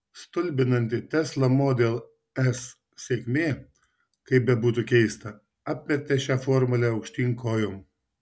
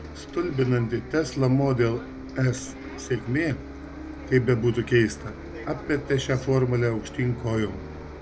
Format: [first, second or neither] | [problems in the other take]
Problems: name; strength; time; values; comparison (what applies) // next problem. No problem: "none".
first | background sound (Bus); 13 dB below the speech